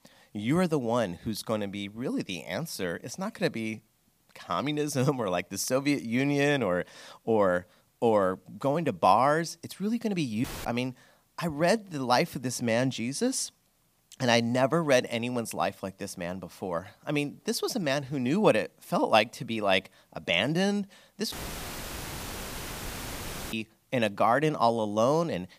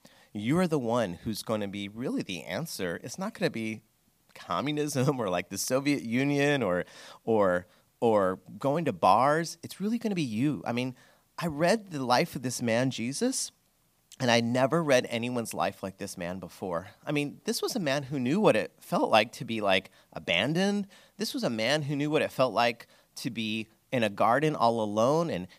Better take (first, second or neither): second